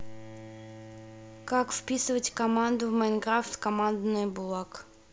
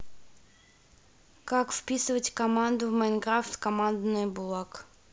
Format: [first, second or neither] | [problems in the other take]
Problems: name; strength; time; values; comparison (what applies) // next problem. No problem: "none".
second | background sound (Bowed string instrument); 20 dB below the speech